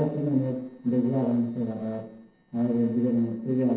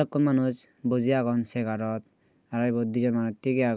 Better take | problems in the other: second | noise reduction (neural separator model SepFormer DNS4)

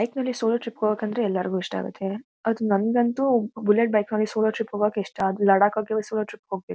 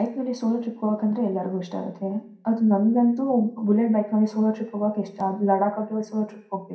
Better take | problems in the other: first | room echo; dies away in 0.5 s

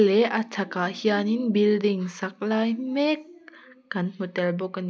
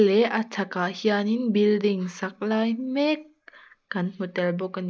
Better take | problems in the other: first | noise reduction (neural mask model Resemble Enhance denoiser)

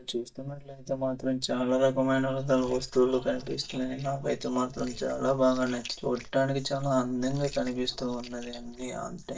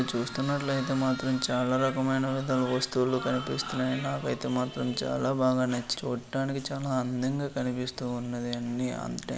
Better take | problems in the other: second | noise reduction (neural mask model DeepFilterNet 3)

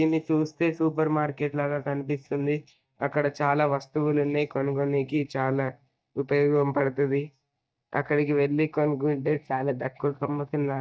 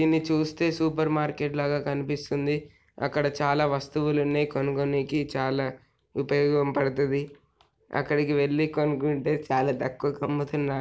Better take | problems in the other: second | noise reduction (neural mask model DeepFilterNet 3)

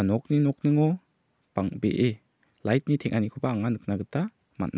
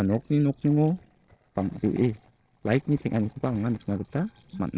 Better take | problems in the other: first | noise reduction (neural separator model SepFormer DNS4)

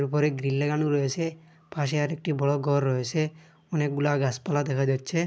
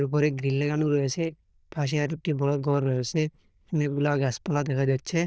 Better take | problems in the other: first | noise reduction (neural diffusion model UNIVERSE++)

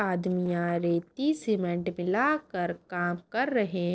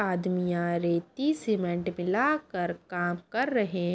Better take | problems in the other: second | noise reduction (neural separator model SepFormer DNS4)

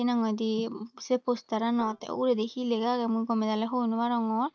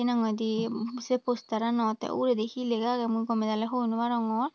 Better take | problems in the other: second | noise reduction (neural mask model DeepFilterNet 3)

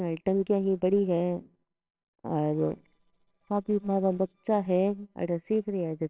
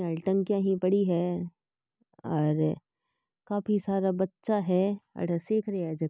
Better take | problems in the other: second | noise reduction (neural separator model SepFormer WHAMR!)

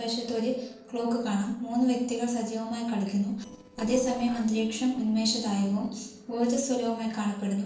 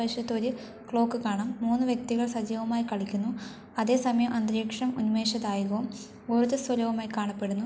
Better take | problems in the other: second | noise reduction (neural separator model SepFormer DNS4)

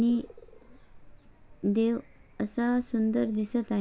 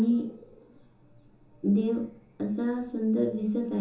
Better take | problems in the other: first | room echo; dies away in 1.2 s

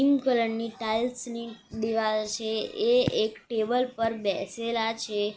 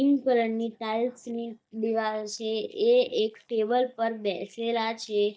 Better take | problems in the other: first | noise reduction (neural mask model DeepFilterNet 3)

